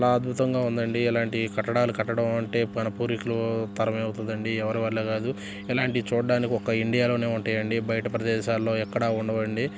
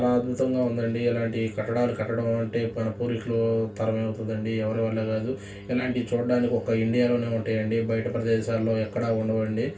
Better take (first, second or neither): first